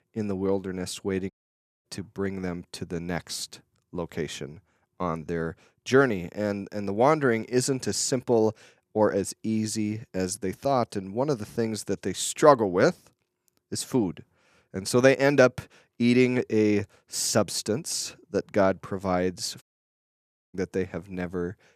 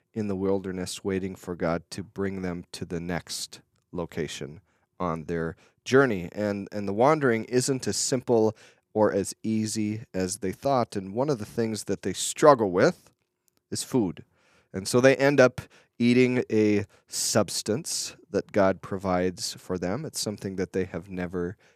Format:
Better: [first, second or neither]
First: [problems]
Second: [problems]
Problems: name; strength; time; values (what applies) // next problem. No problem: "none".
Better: second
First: audio cutting out; at 1.5 s for 0.5 s and at 20 s for 1 s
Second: none